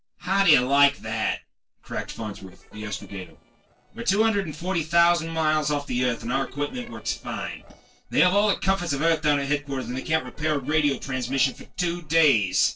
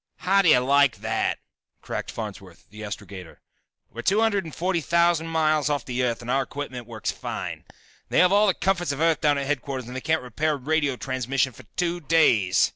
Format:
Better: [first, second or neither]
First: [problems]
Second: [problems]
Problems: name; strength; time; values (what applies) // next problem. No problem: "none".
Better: second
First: noise reduction (neural separator model SepFormer DNS4)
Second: none